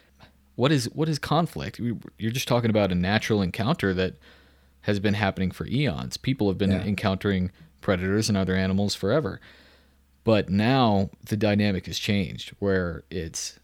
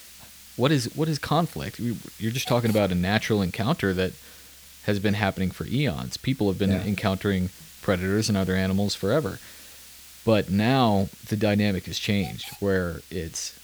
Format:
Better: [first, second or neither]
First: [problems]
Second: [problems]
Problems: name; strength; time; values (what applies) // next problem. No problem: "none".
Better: first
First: none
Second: hiss; noticeable; throughout; 20 dB below the speech